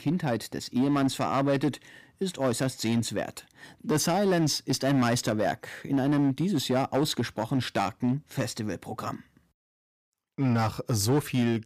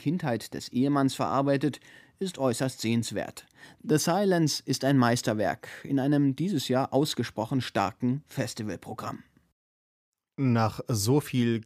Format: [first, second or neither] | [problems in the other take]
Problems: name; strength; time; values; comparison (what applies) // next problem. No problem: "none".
second | distortion; slight; 7% of the sound clipped